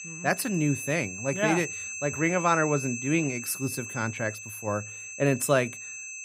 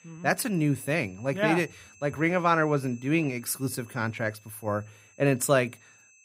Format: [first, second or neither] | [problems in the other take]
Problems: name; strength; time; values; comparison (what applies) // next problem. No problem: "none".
second | high-pitched whine; loud; throughout; 2.5 kHz, 8 dB below the speech; faint in the second